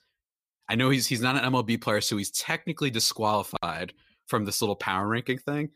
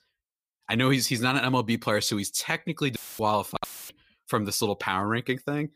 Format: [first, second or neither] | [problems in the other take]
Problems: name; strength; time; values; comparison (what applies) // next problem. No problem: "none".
first | audio cutting out; filled with static; at 3 s and at 3.5 s